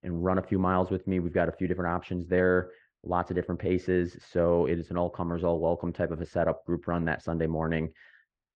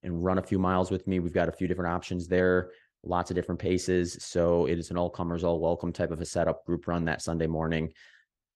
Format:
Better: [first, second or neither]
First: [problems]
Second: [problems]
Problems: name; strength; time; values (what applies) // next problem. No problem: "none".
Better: second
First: muffled; very; fading above 2 kHz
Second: none